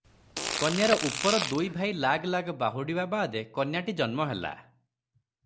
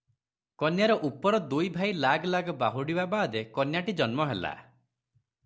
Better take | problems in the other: second | background sound (Fart); 4 dB below the speech

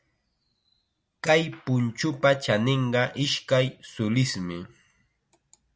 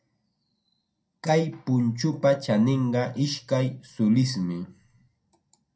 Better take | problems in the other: first | room echo; dies away in 0.3 s

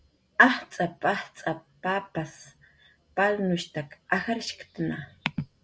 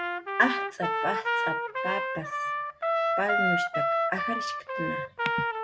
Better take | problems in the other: first | background sound (Trumpet); 4 dB above the speech

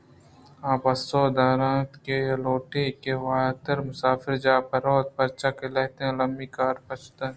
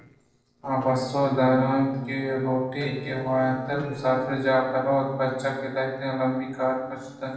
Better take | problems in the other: first | noise reduction (neural separator model SepFormer DNS4)

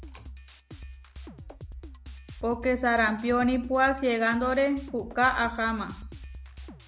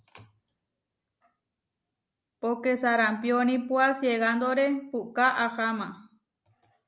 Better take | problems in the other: second | background sound (Drum kit); 15 dB below the speech

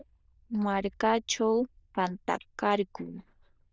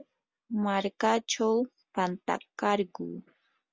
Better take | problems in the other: second | noise reduction (neural diffusion model UNIVERSE++)

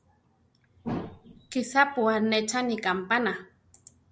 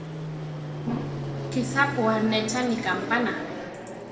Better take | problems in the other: first | background sound (Fixed-wing aircraft, airplane); 5 dB below the speech // room echo; dies away in 1.9 s

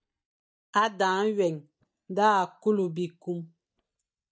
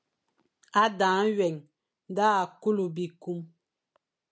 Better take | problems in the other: second | noise reduction (neural mask model DeepFilterNet 3)

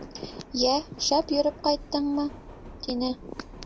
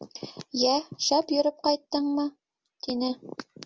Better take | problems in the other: second | background sound (Subway, metro, underground); 16 dB below the speech

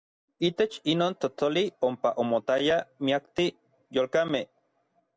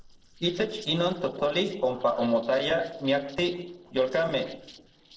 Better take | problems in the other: first | noise reduction (neural separator model SepFormer DNS4)

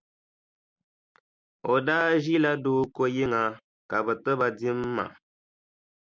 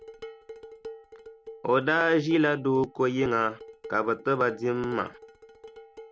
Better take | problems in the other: first | background sound (Dishes, pots, and pans); 17 dB below the speech

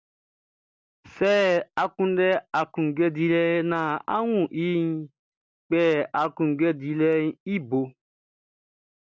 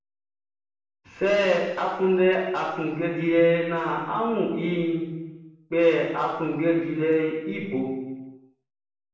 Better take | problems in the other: first | room echo; dies away in 1.1 s

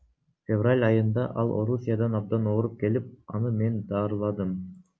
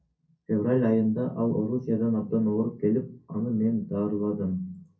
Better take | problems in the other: first | room echo; dies away in 0.3 s

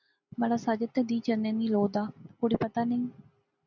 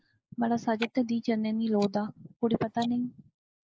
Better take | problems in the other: first | noise reduction (neural mask model Resemble Enhance denoiser)

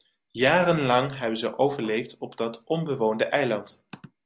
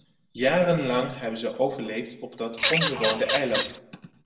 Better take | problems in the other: first | background sound (Bird vocalization, bird call, bird song / Fowl); 1 dB above the speech // room echo; dies away in 0.8 s

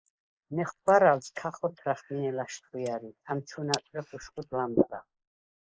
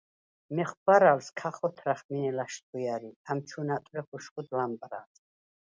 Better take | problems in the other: second | noise reduction (neural mask model Resemble Enhance denoiser)

